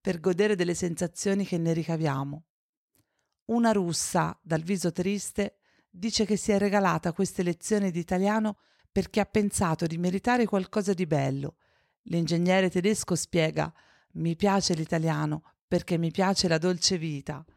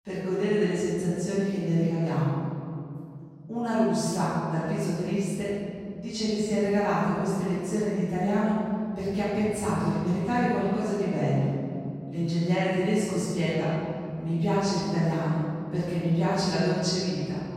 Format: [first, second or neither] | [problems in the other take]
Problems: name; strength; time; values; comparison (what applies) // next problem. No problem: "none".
first | off-mic speech; far // room echo; strong; dies away in 2.7 s